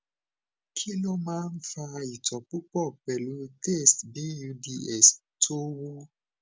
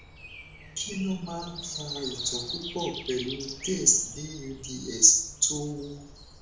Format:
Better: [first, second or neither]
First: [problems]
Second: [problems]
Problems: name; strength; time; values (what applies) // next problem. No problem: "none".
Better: first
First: none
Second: background sound (Breathing); 12 dB below the speech // room echo; dies away in 0.5 s